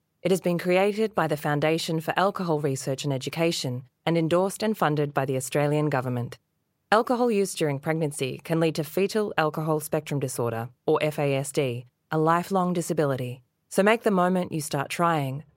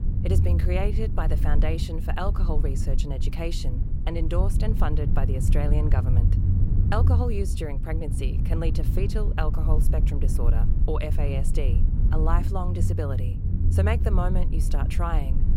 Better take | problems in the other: first | low rumble; loud; throughout; 6 dB below the speech

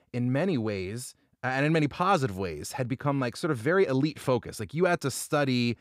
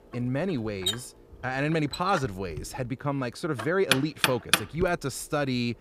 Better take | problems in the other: first | household noises; very loud; throughout; as loud as the speech

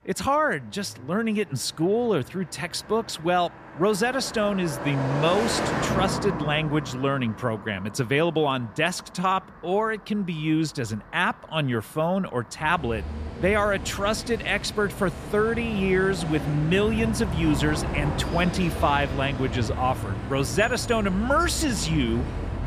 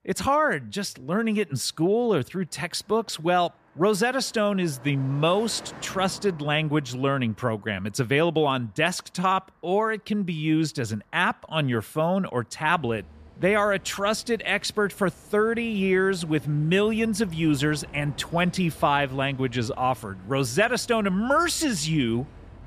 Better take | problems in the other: second | traffic noise; loud; throughout; 6 dB below the speech; faint in the second

